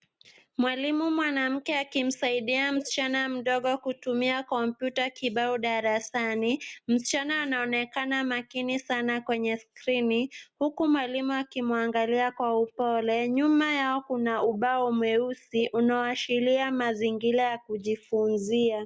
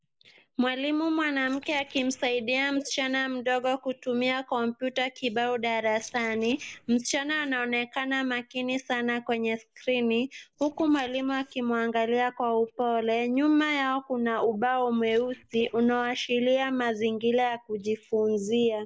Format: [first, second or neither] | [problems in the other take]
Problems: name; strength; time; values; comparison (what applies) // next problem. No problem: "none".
first | noise reduction (neural mask model Resemble Enhance denoiser)